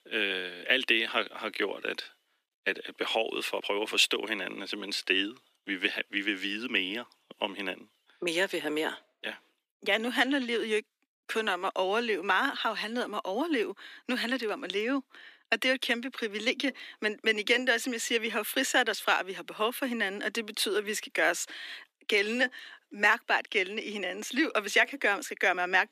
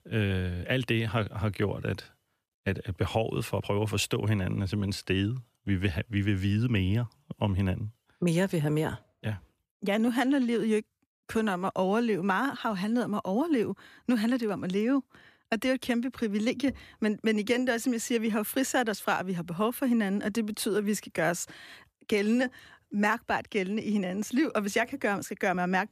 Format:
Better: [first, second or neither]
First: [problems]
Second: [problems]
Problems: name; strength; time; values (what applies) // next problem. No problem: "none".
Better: second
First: thin; somewhat; fading below 300 Hz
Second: none